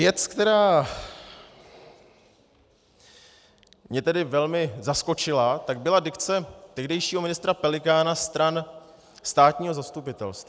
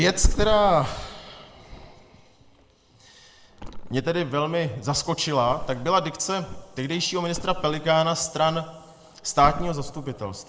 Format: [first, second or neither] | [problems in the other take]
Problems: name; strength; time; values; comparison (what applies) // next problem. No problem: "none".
first | background sound (Thump, thud); 7 dB below the speech // room echo; dies away in 1.3 s